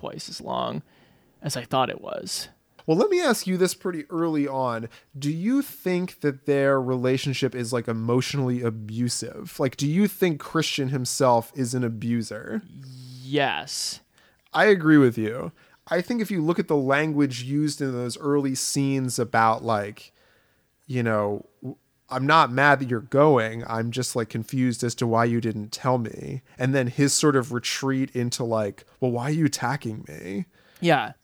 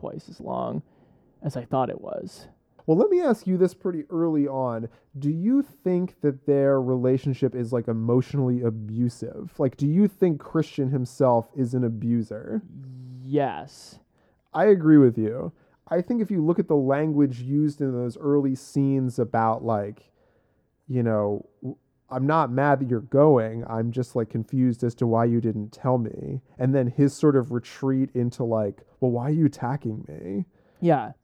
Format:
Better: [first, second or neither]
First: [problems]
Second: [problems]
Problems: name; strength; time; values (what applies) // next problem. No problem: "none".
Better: first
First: none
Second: muffled; very; fading above 1.5 kHz